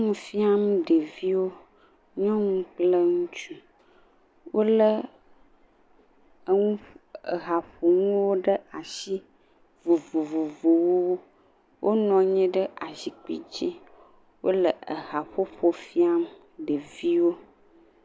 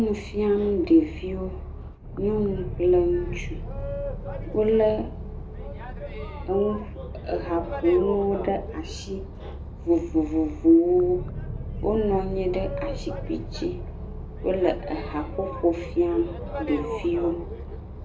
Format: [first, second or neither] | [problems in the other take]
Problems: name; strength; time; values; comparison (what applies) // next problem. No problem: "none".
first | background sound (Boat, Water vehicle); 8 dB below the speech // room echo; dies away in 0.3 s